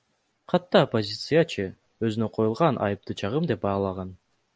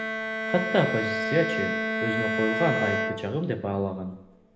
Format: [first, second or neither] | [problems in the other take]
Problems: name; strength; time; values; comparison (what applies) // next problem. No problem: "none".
first | background sound (Bowed string instrument); 1 dB below the speech // room echo; dies away in 0.9 s